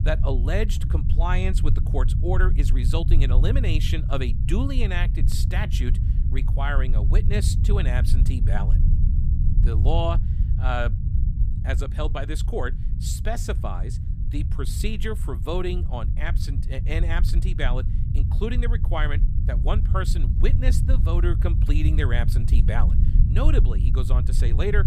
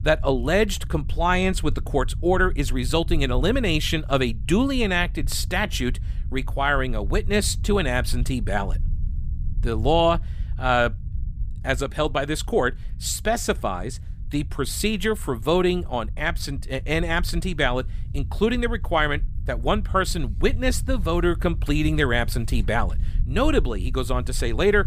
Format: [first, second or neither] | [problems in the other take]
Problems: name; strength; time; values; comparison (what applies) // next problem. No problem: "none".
second | low rumble; loud; throughout; 8 dB below the speech; faint in the second